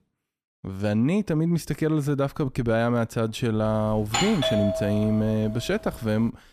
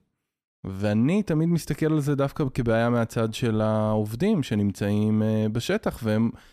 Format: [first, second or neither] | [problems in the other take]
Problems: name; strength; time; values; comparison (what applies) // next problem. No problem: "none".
second | doorbell; loud; from 3.5 s on; peak level with the speech